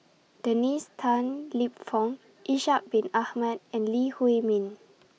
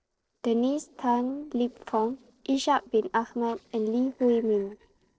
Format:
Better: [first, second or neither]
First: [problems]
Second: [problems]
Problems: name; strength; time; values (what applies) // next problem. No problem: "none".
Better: first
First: none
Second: noise reduction (neural separator model SepFormer DNS4)